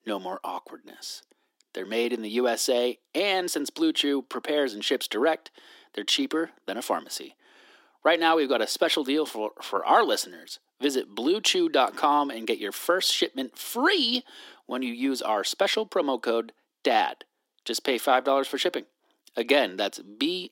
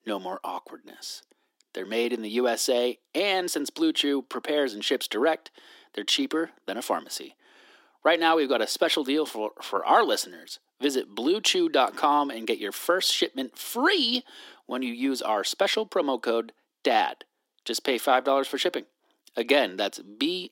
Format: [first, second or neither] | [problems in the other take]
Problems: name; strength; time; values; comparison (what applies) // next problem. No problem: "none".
neither | thin; somewhat; fading below 300 Hz; the same in both